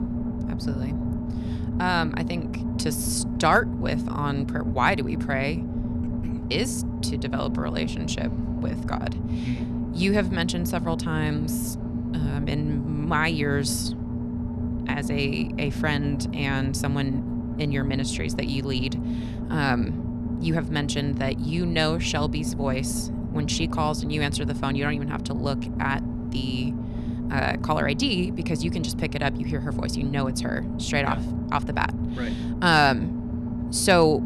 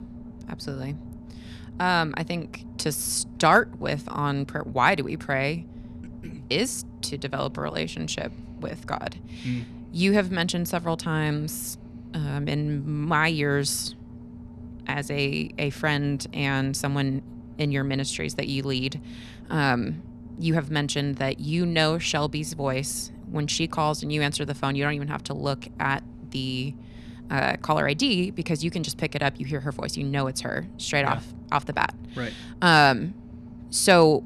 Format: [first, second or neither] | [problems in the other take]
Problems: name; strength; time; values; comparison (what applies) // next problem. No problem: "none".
second | low rumble; loud; throughout; 9 dB below the speech; faint in the second